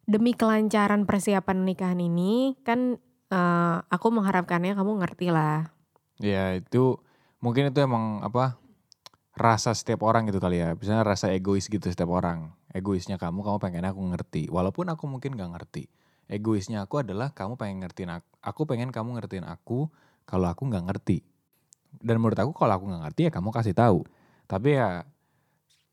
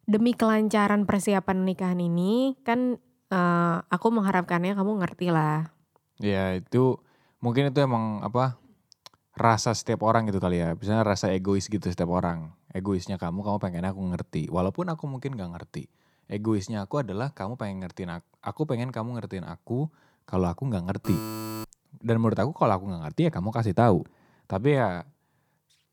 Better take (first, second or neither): first